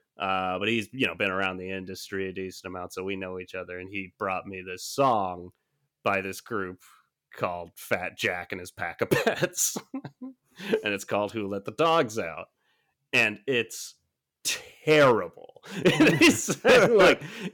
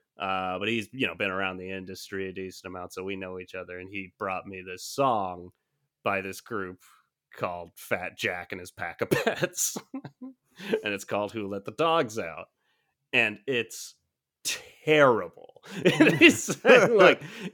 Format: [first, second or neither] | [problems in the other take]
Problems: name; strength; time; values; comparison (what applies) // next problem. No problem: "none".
second | distortion; slight; 1.2% of the sound clipped